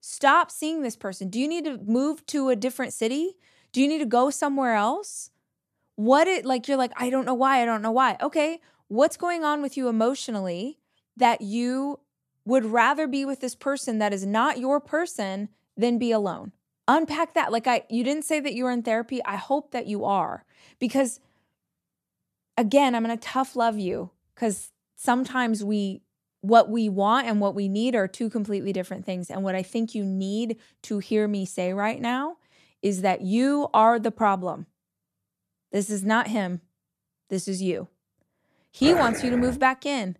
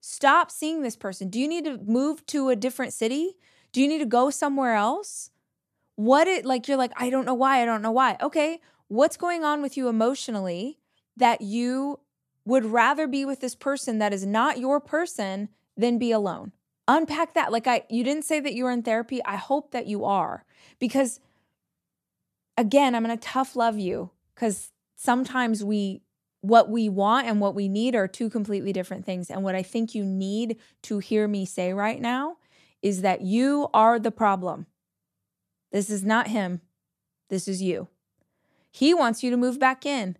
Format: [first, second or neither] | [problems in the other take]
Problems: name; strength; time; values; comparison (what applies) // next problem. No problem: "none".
second | dog barking; noticeable; at 39 s; peak 3 dB below the speech